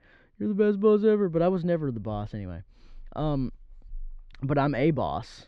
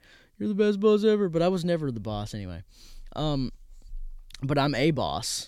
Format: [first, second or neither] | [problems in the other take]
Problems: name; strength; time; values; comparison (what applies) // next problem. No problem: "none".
second | muffled; very; fading above 2 kHz